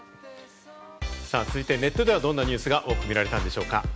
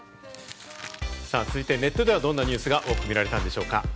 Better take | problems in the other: first | background sound (Crumpling, crinkling); 20 dB below the speech

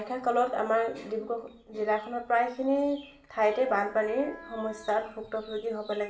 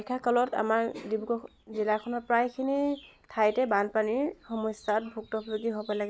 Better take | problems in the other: second | background sound (Wind instrument, woodwind instrument); 19 dB below the speech // room echo; dies away in 0.6 s

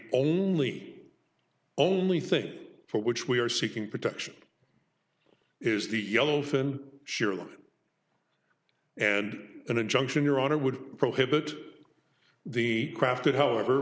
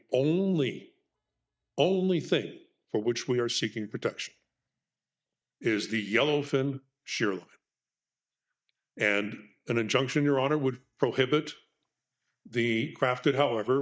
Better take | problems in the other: first | noise reduction (neural mask model DeepFilterNet 3)

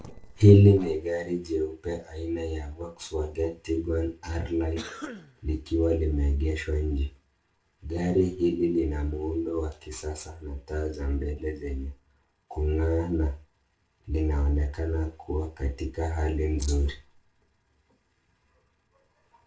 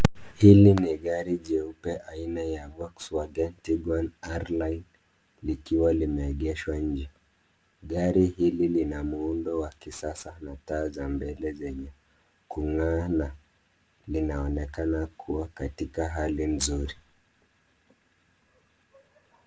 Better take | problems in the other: second | noise reduction (neural separator model SepFormer DNS4)

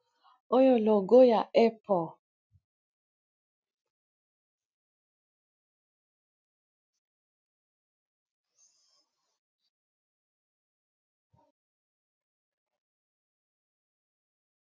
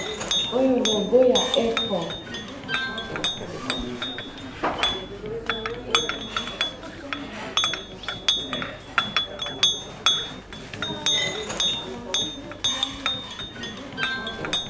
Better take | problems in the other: first | background sound (Chink, clink); 3 dB above the speech // room echo; dies away in 0.7 s

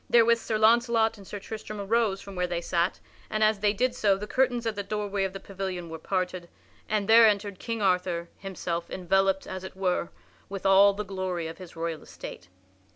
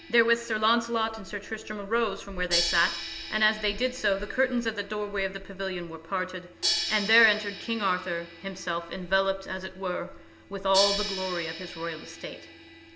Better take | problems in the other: first | background sound (Crash cymbal); 8 dB below the speech // room echo; dies away in 2.4 s

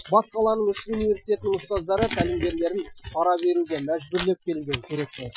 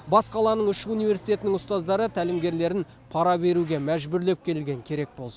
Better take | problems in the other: second | noise reduction (classical method Wiener filter)

